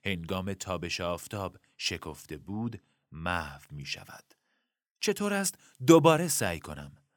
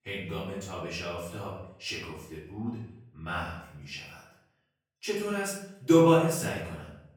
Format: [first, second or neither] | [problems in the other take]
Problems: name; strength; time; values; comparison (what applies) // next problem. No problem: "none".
first | off-mic speech; far // room echo; noticeable; dies away in 0.7 s